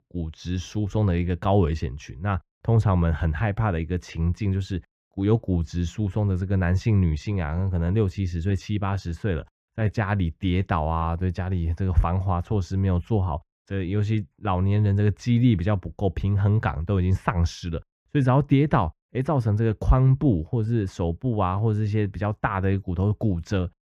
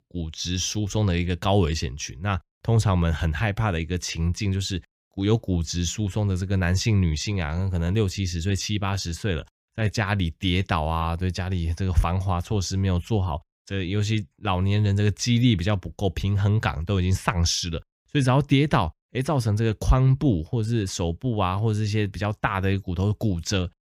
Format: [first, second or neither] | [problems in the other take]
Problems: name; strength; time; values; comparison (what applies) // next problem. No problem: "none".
second | muffled; slightly; fading above 2.5 kHz